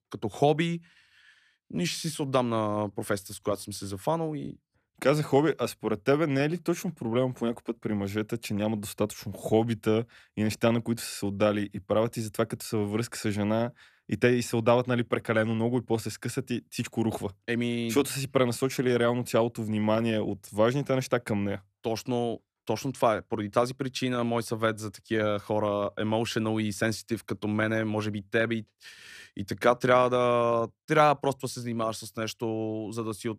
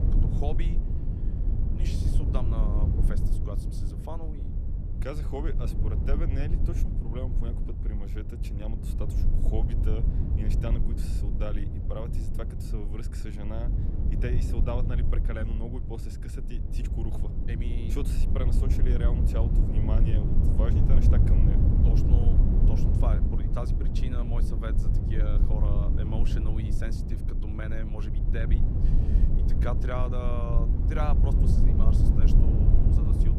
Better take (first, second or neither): first